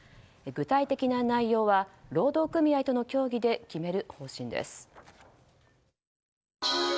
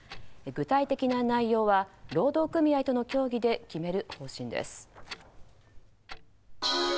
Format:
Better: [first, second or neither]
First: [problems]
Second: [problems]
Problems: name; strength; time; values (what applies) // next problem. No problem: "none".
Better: first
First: none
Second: background sound (Clock); 18 dB below the speech